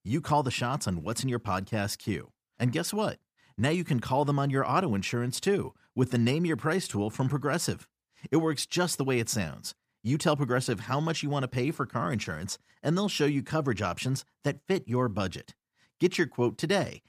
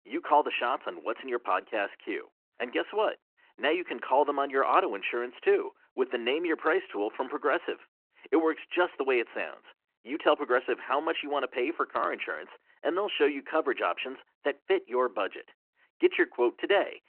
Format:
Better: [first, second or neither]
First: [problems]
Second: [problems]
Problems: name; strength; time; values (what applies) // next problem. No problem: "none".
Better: first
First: none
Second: phone-call audio